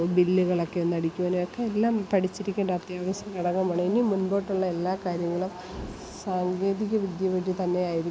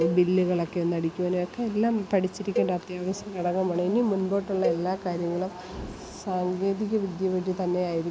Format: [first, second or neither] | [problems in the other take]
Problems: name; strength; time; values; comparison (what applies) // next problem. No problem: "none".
first | background sound (Cowbell); 10 dB below the speech